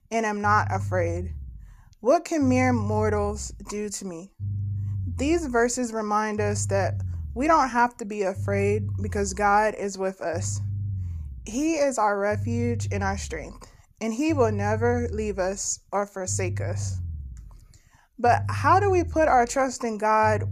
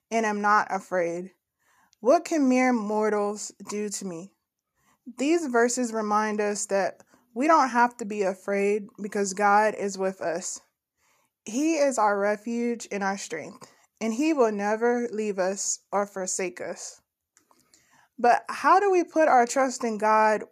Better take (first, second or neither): second